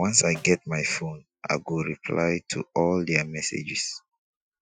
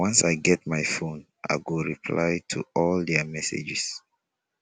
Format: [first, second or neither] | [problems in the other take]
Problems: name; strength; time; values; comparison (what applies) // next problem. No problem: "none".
second | noise reduction (classical method Wiener filter)